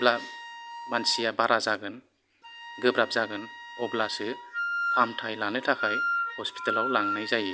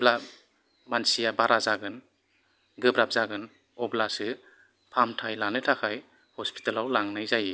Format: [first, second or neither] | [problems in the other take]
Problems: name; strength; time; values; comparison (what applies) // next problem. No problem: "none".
second | background sound (Wind instrument, woodwind instrument); 5 dB below the speech